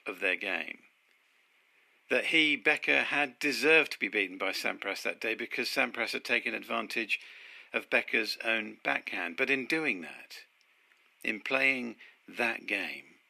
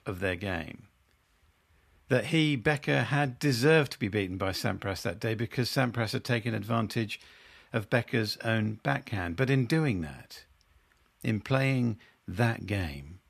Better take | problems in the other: second | thin; somewhat; fading below 300 Hz

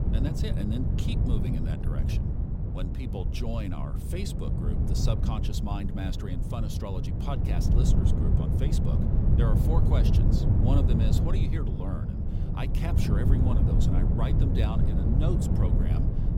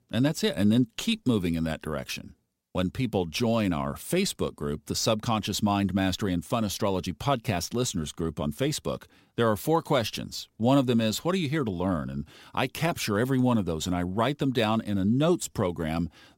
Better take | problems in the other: second | wind noise on the microphone; heavy; 1 dB above the speech

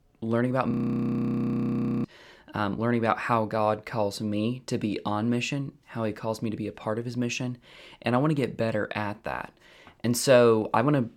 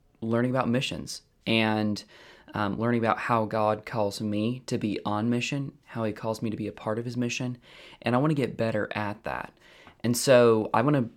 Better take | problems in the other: second | audio freezing; at 0.5 s for 1.5 s

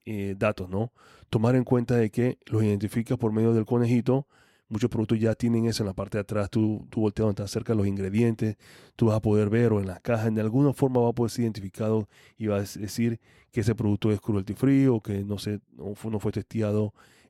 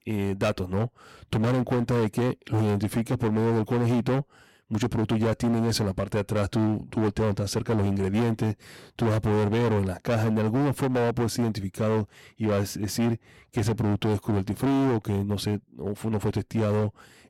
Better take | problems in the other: first | distortion; heavy; 22% of the sound clipped

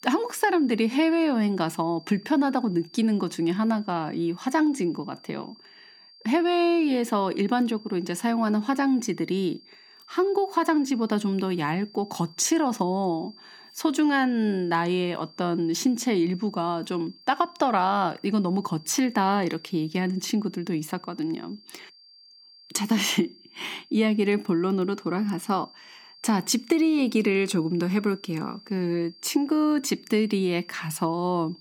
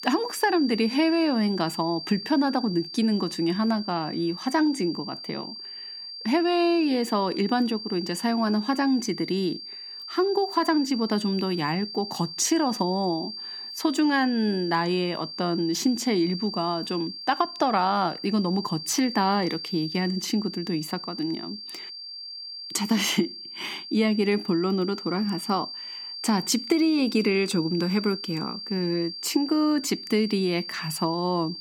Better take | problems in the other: first | high-pitched whine; loud; throughout; 4.5 kHz, 9 dB below the speech; faint in the first

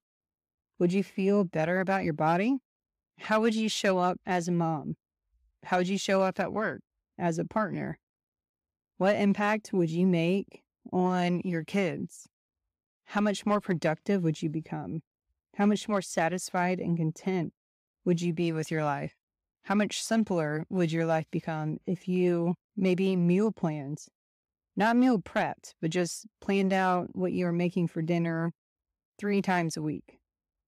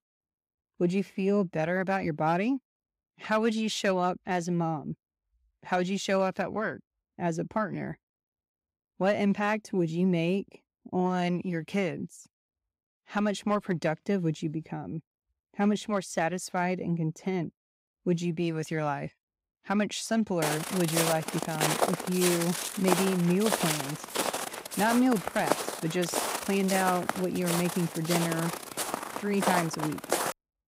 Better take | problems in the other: first | footsteps; loud; from 20 s on; peak 3 dB above the speech

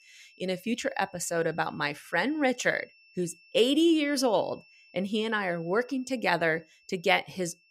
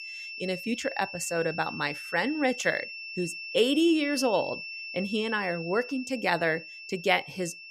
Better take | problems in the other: first | high-pitched whine; loud; throughout; 2.5 kHz, 9 dB below the speech; faint in the first

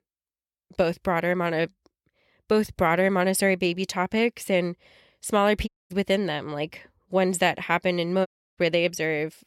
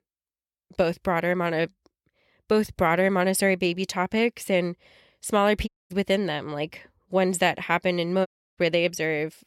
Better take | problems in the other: neither | audio cutting out; at 5.5 s and at 8.5 s; the same in both

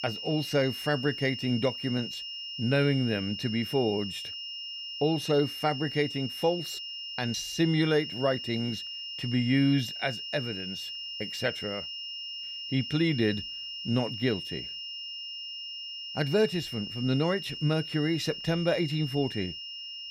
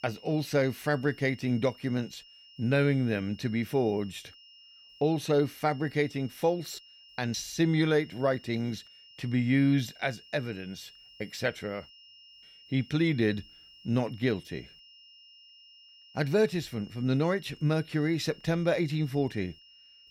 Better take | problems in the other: second | high-pitched whine; loud; throughout; 3 kHz, 7 dB below the speech; faint in the second

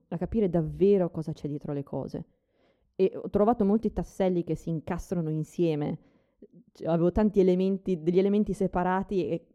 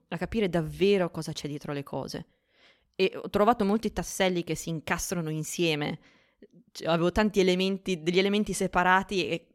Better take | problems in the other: second | muffled; slightly; fading above 1 kHz

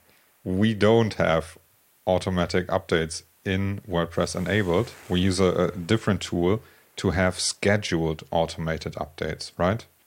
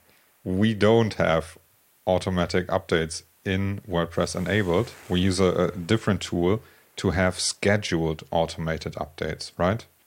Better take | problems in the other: neither | hiss; faint; throughout; 30 dB below the speech; the same in both

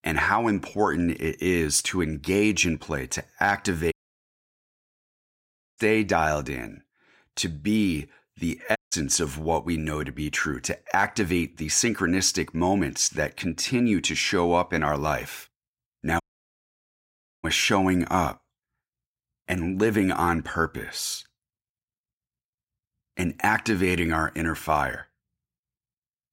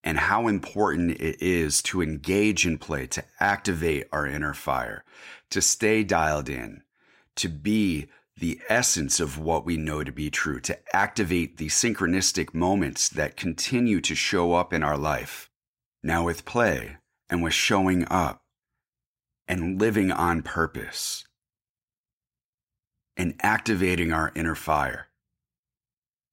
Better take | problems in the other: second | audio cutting out; at 4 s for 2 s, at 9 s and at 16 s for 1 s

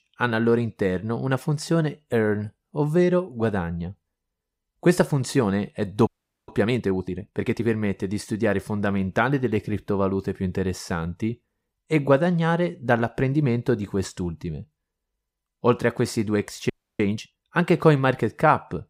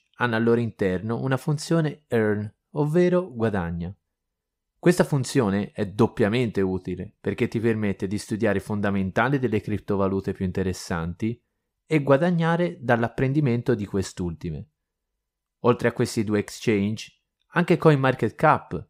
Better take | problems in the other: second | audio freezing; at 6 s and at 17 s

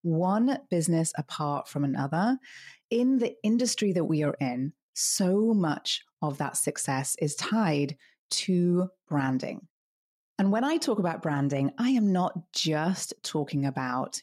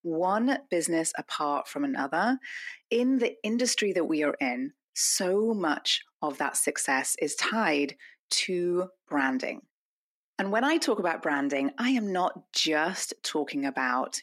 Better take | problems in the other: first | thin; very slightly; fading below 250 Hz

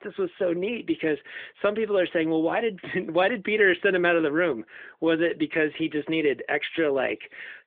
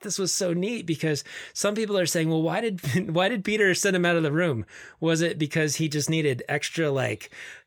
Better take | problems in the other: second | phone-call audio; nothing above 3.5 kHz

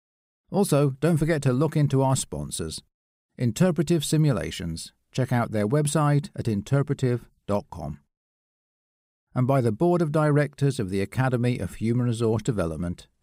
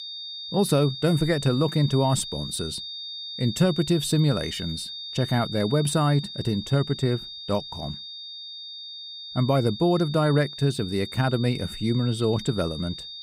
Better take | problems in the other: first | high-pitched whine; loud; throughout; 3.5 kHz, 10 dB below the speech

